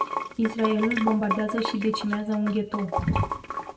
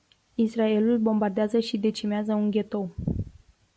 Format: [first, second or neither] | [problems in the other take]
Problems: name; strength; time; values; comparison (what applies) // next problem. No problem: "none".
second | background sound (Sink (filling or washing) / Water); 5 dB below the speech // room echo; dies away in 0.5 s